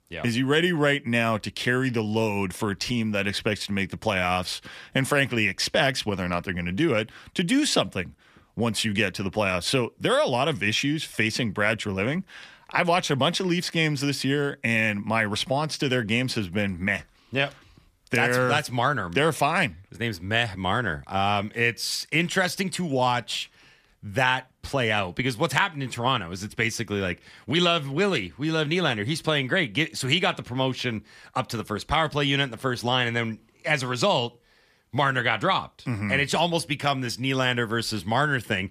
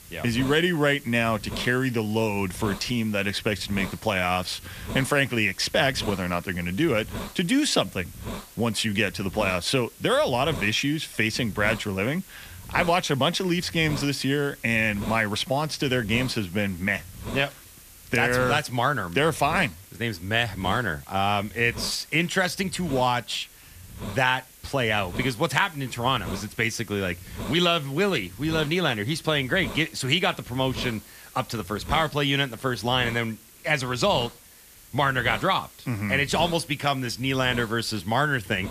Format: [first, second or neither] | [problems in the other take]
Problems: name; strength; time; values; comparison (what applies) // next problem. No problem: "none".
first | hiss; noticeable; throughout; 15 dB below the speech